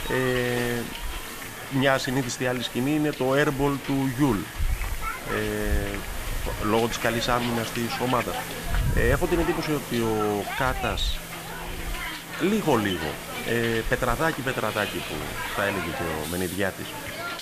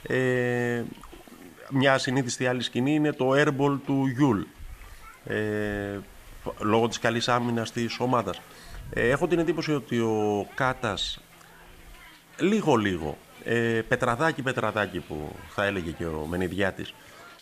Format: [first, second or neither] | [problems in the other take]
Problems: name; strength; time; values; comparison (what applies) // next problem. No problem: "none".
second | hiss; loud; throughout; 6 dB below the speech; faint in the second